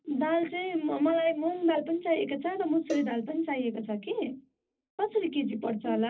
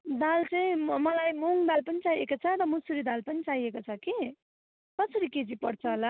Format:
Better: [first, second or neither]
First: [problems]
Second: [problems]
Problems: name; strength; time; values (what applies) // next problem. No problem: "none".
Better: second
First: background sound (Cowbell); 15 dB below the speech // room echo; dies away in 0.4 s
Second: none